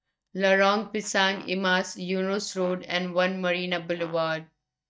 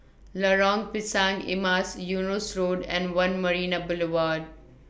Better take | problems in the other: second | noise reduction (neural mask model DeepFilterNet 3)

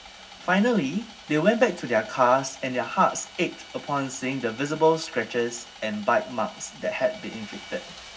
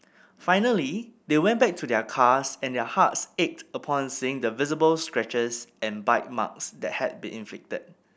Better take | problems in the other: second | background sound (Sawing); 19 dB below the speech // room echo; dies away in 0.4 s

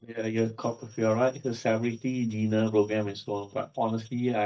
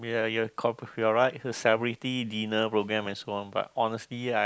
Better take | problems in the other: second | noise reduction (neural mask model DeepFilterNet 3)

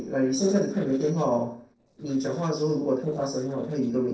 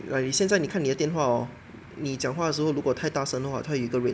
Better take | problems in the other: second | noise reduction (neural separator model SepFormer DNS4)

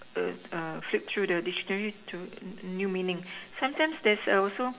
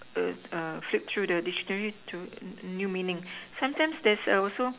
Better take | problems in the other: second | room echo; dies away in 1 s

